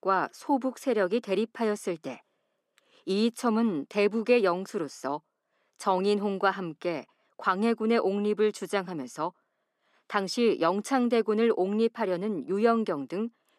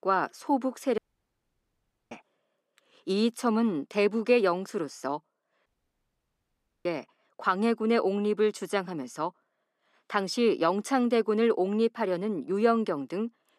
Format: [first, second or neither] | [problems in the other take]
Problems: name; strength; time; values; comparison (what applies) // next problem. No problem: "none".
first | audio cutting out; at 1 s for 1 s and at 5.5 s for 1 s